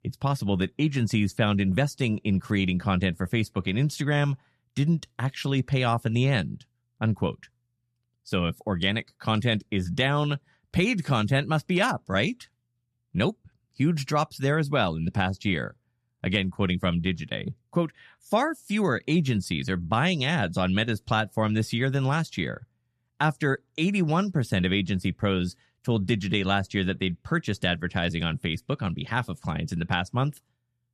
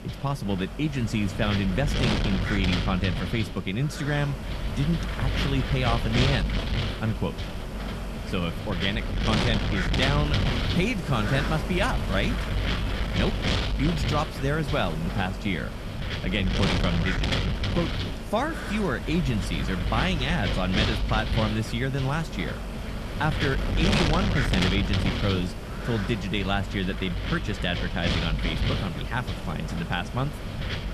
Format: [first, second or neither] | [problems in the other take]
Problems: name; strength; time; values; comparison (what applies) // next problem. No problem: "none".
first | wind noise on the microphone; heavy; 1 dB below the speech